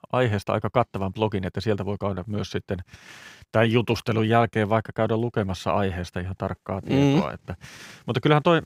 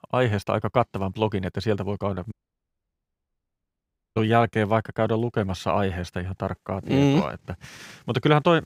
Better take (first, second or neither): first